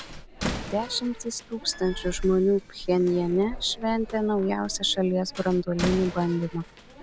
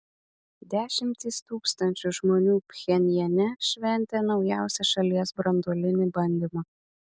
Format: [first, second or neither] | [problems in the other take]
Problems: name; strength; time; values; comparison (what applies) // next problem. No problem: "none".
second | background sound (Slam); 11 dB below the speech